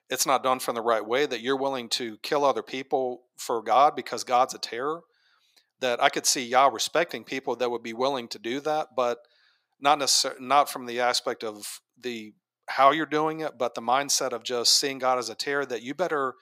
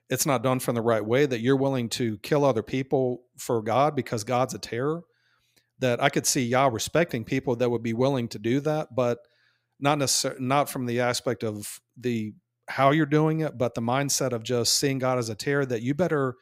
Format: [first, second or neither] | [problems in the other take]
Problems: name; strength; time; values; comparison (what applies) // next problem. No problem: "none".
second | thin; somewhat; fading below 350 Hz